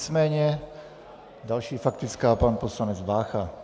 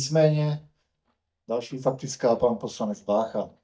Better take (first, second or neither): first